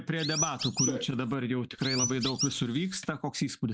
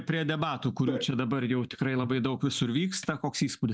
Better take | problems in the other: second | noise reduction (neural mask model Resemble Enhance denoiser)

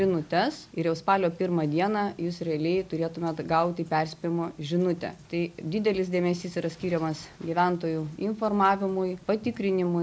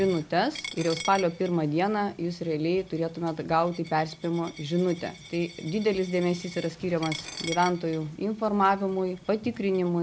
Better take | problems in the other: first | background sound (Coin (dropping)); 17 dB below the speech

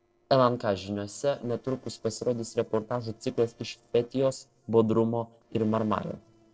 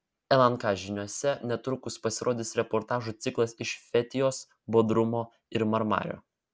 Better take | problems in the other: second | noise reduction (neural separator model SepFormer DNS4)

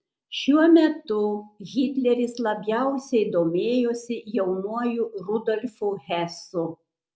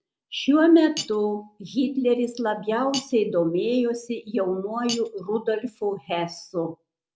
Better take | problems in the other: first | background sound (Cutlery, silverware); 17 dB below the speech

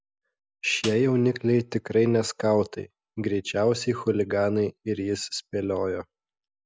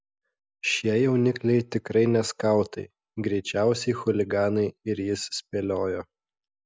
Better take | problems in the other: second | background sound (Snare drum); 17 dB below the speech

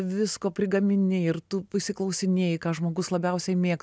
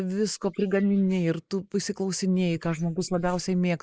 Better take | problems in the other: first | noise reduction (neural mask model Resemble Enhance denoiser)

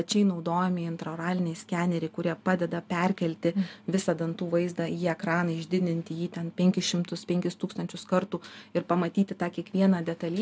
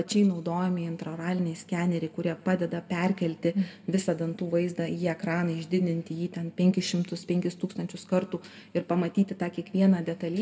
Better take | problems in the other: first | room echo; dies away in 1.5 s

